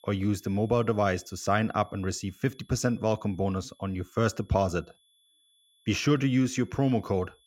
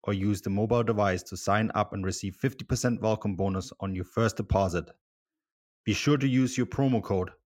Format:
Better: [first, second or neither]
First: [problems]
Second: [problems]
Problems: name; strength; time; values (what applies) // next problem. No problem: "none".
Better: second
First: high-pitched whine; faint; throughout; 3.5 kHz, 35 dB below the speech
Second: none